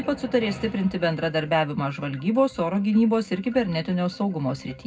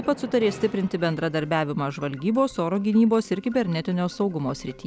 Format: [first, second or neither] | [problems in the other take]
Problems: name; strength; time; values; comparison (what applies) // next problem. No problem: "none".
second | room echo; dies away in 0.3 s